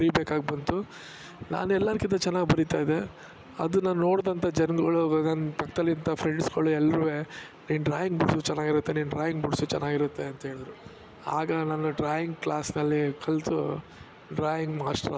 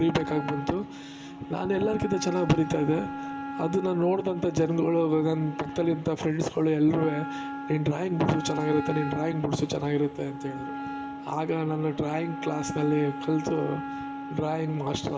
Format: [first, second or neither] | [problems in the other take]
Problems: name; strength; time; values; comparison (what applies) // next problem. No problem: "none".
first | background sound (Wind instrument, woodwind instrument); 9 dB below the speech // room echo; dies away in 1.1 s